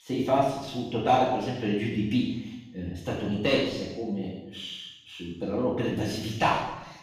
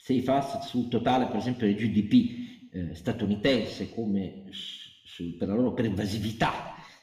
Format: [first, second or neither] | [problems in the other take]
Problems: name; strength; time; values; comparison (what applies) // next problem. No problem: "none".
second | room echo; strong; dies away in 0.9 s; slight in the second // off-mic speech; far